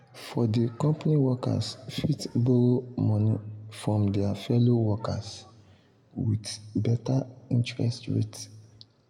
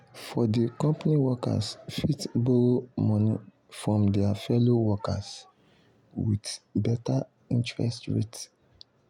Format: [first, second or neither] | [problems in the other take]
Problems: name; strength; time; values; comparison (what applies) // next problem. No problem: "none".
second | room echo; dies away in 0.9 s